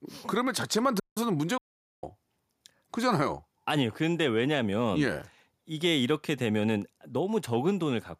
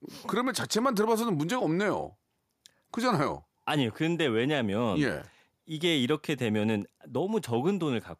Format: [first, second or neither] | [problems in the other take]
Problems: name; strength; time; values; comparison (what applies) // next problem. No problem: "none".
second | audio cutting out; at 1 s and at 1.5 s